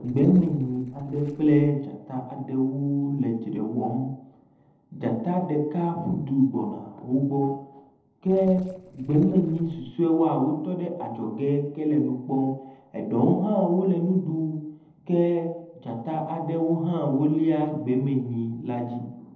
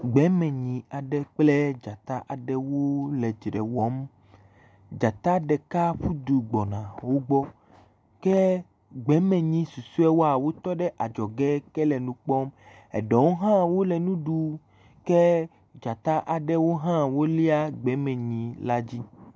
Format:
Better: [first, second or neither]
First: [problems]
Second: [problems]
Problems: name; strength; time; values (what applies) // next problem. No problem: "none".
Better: second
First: noise reduction (neural separator model SepFormer DNS4)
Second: none